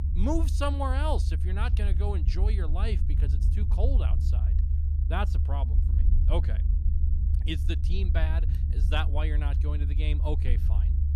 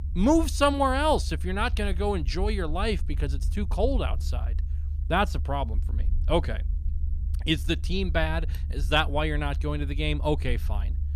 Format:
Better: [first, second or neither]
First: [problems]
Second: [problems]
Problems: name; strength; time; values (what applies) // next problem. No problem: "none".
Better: second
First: low rumble; loud; throughout; 9 dB below the speech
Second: low rumble; faint; throughout; 25 dB below the speech